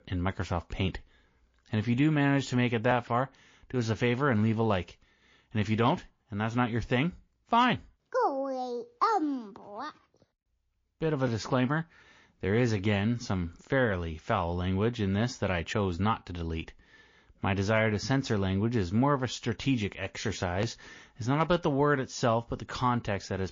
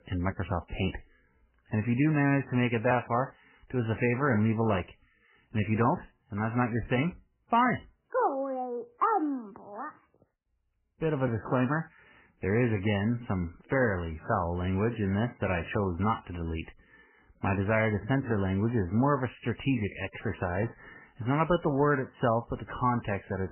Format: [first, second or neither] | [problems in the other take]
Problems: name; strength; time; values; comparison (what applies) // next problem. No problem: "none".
first | garbled, watery; badly; nothing above 3 kHz; slightly in the first